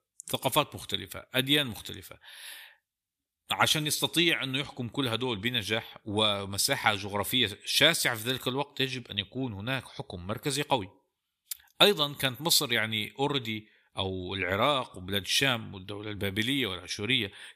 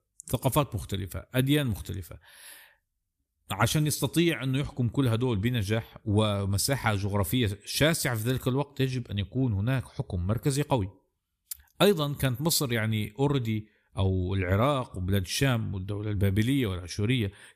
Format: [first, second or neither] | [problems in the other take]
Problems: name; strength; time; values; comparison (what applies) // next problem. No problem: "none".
second | thin; somewhat; fading below 750 Hz